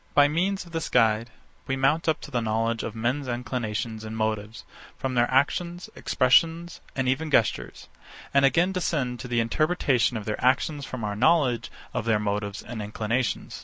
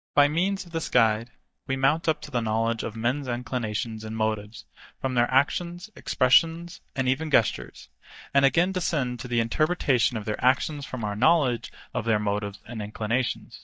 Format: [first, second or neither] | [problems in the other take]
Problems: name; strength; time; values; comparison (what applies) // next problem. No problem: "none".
first | noise reduction (neural mask model DeepFilterNet 3)